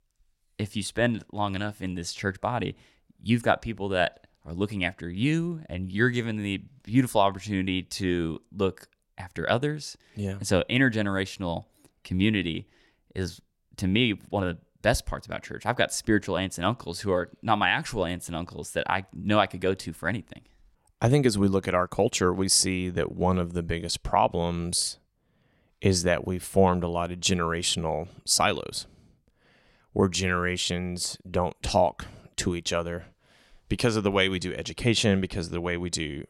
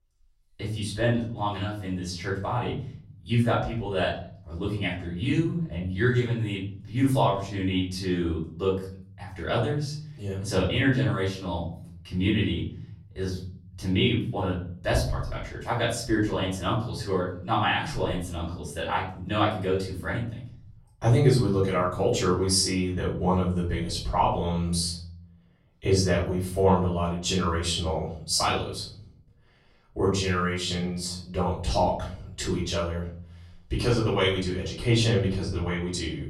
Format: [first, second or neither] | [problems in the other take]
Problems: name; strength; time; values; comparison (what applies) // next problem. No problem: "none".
first | room echo; noticeable; dies away in 0.8 s // off-mic speech; far